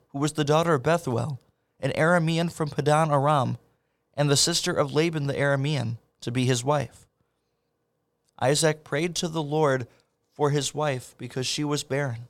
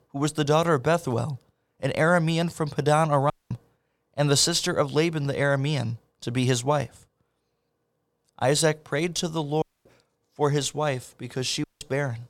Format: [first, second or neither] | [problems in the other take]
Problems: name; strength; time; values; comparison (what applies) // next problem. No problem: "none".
first | audio cutting out; at 3.5 s, at 9.5 s and at 12 s